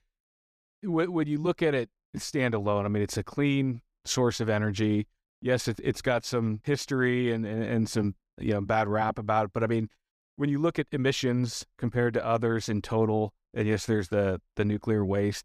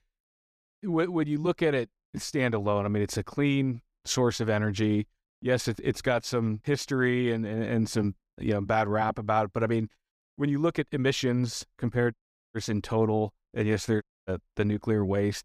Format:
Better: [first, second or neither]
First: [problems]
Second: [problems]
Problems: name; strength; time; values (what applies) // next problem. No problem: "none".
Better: first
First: none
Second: audio cutting out; at 12 s and at 14 s